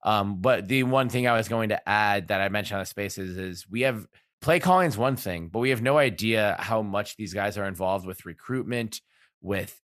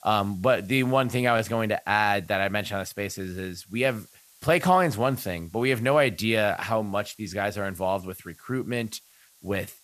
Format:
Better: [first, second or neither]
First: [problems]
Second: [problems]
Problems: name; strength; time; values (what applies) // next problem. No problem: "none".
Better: first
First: none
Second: hiss; faint; throughout; 30 dB below the speech